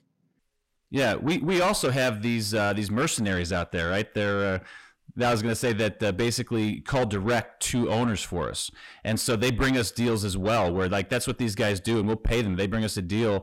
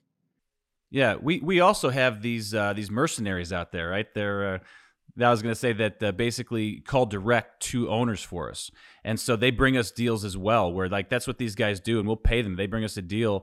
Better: second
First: distortion; heavy; 7 dB below the speech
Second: none

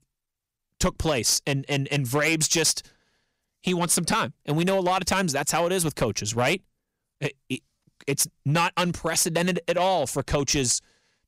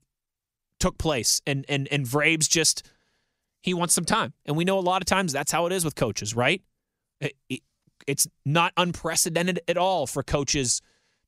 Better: second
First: distortion; slight; 5% of the sound clipped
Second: none

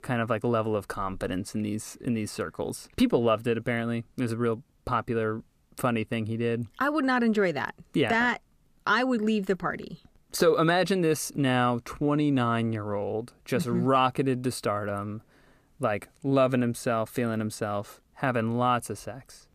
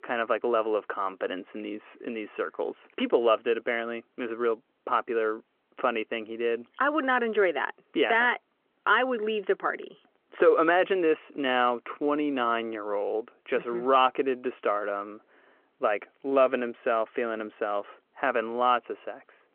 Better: first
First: none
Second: phone-call audio

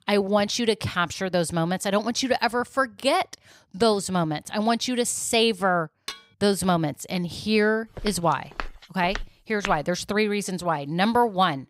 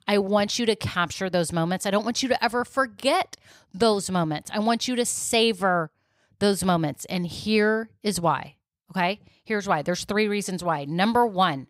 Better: second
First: clattering dishes; faint; at 6 s; peak 15 dB below the speech // footsteps; faint; from 8 to 10 s; peak 10 dB below the speech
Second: none

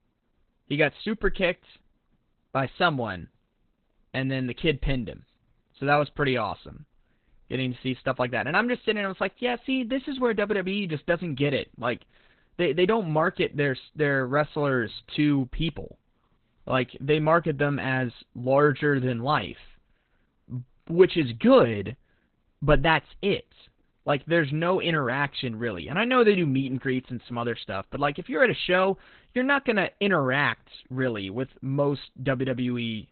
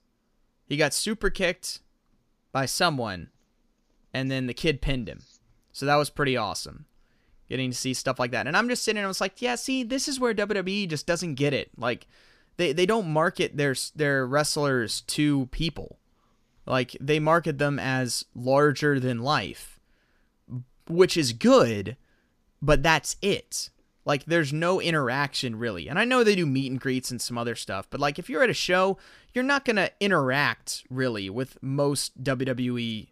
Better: second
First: garbled, watery; badly; nothing above 4 kHz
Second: none

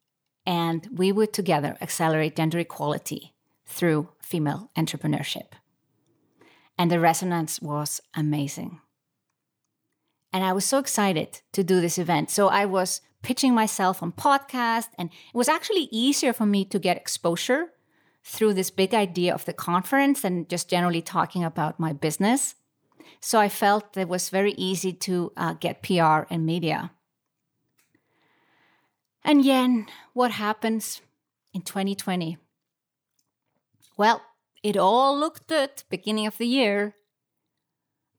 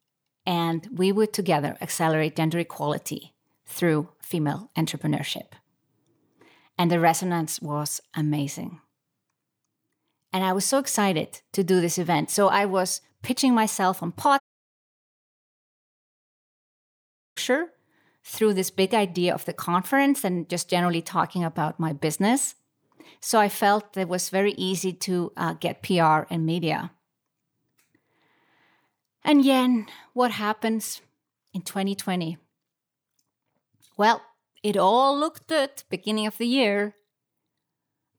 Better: first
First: none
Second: audio cutting out; at 14 s for 3 s

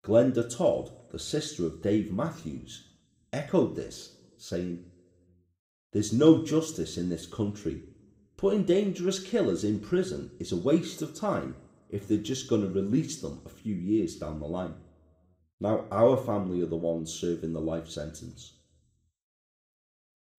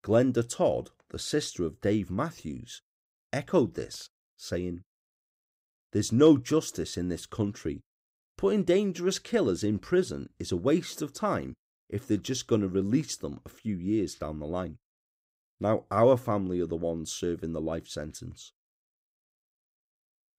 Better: second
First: room echo; slight; dies away in 0.6 s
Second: none

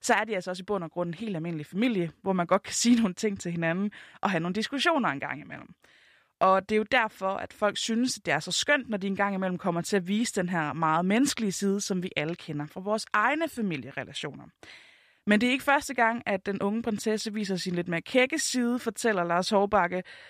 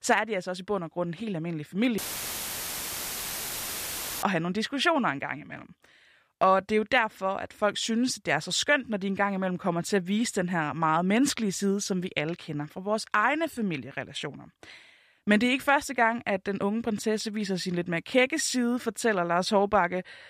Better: first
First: none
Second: audio cutting out; filled with static; at 2 s for 2.5 s

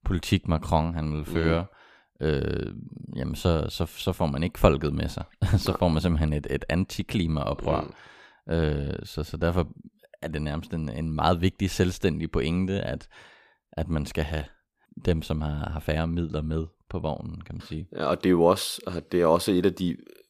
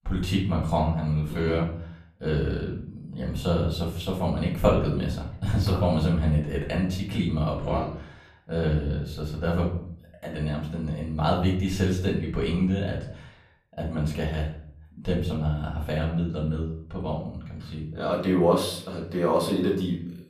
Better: first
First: none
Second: off-mic speech; far // room echo; slight; dies away in 0.5 s

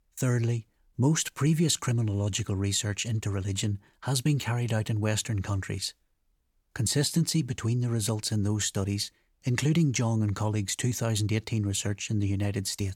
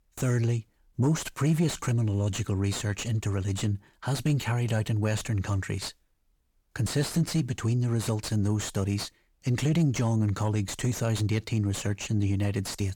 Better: first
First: none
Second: distortion; slight; 10 dB below the speech

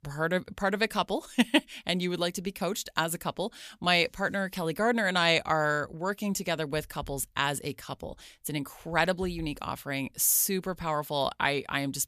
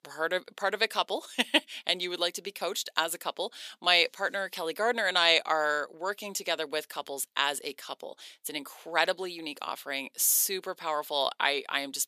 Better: first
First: none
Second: thin; somewhat; fading below 350 Hz

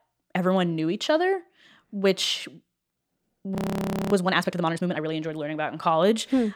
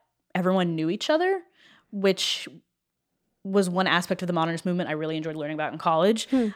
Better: second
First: audio freezing; at 3.5 s for 0.5 s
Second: none

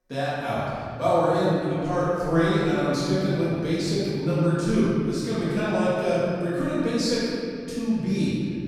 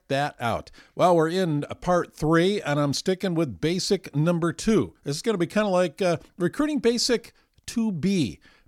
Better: second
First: room echo; strong; dies away in 3 s // off-mic speech; far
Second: none

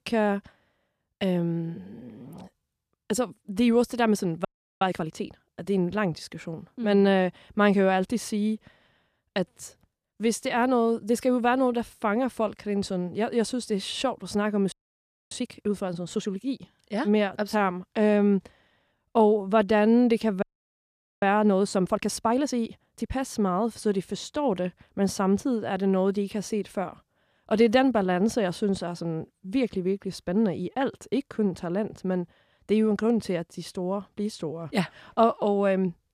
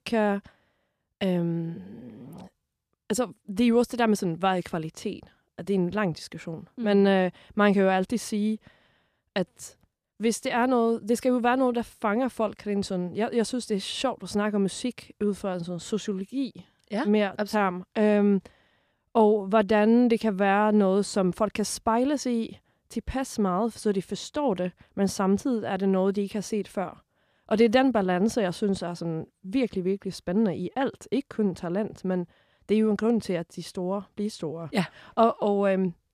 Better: second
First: audio freezing; at 4.5 s, at 15 s for 0.5 s and at 20 s for 1 s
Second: none

